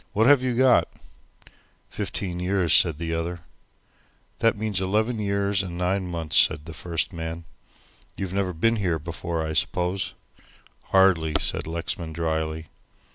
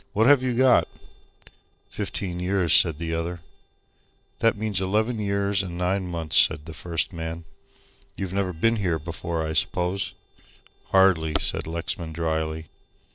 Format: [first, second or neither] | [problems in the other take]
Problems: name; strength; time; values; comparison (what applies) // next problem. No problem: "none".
first | noise reduction (neural separator model SepFormer DNS4)